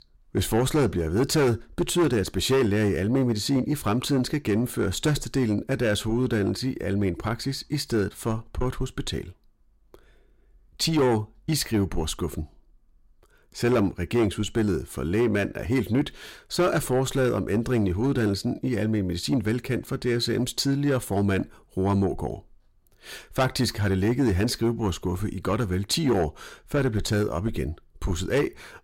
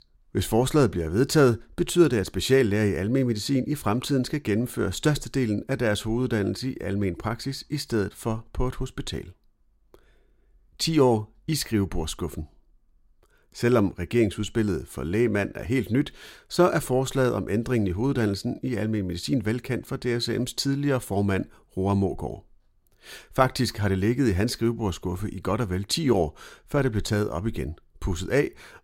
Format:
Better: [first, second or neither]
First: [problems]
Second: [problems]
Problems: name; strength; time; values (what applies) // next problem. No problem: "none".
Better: second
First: distortion; slight; 10 dB below the speech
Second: none